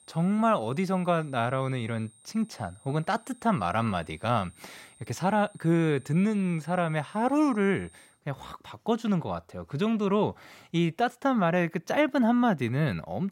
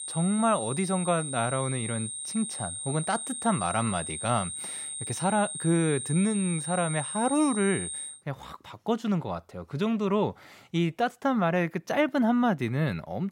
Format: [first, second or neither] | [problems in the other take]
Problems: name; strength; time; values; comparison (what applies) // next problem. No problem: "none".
first | high-pitched whine; loud; until 8 s; 8.5 kHz, 5 dB below the speech; faint in the first